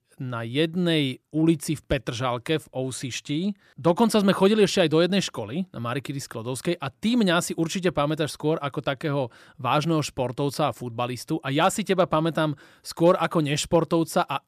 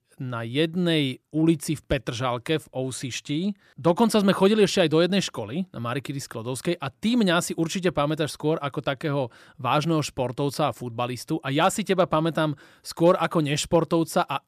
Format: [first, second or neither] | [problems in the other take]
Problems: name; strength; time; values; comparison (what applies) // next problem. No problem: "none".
neither | none